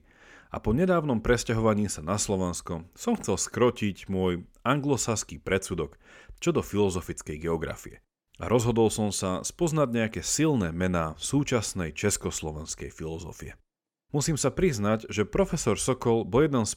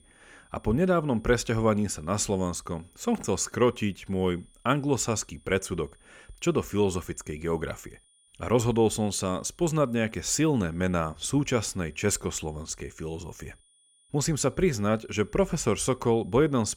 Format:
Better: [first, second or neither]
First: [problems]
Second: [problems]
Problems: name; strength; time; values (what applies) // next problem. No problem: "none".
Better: first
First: none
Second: high-pitched whine; faint; throughout; 9.5 kHz, 35 dB below the speech